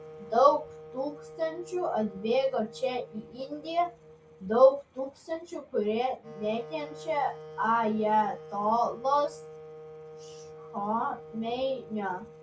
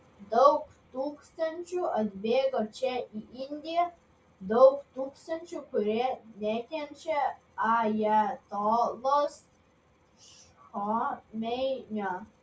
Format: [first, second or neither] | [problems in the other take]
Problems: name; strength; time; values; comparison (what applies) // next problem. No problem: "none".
second | background sound (Wind instrument, woodwind instrument); 17 dB below the speech